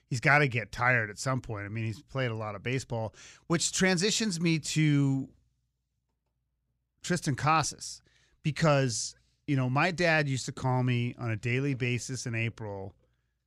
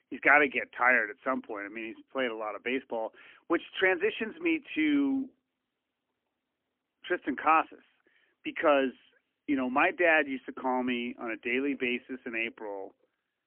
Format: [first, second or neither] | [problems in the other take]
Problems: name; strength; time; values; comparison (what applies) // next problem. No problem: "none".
first | phone-call audio; poor line; nothing above 3 kHz